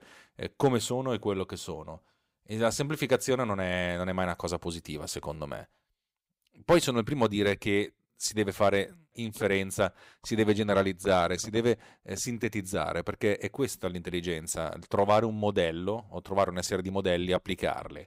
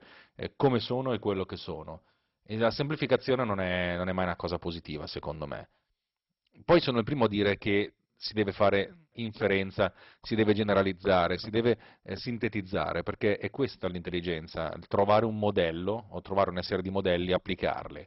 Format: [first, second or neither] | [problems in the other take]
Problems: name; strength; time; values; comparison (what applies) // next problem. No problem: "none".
first | garbled, watery; badly; nothing above 5.5 kHz